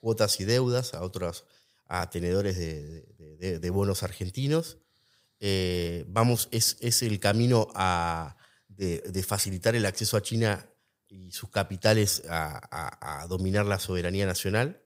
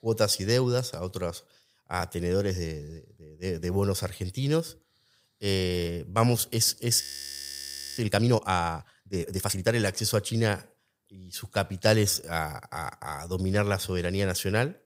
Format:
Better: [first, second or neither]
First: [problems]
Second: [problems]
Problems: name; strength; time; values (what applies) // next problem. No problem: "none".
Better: first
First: none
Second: audio freezing; at 7 s for 1 s